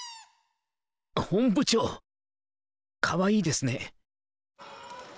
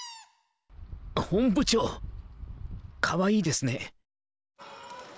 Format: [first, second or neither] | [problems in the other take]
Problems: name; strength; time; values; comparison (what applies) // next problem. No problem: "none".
first | background sound (Wind); 11 dB below the speech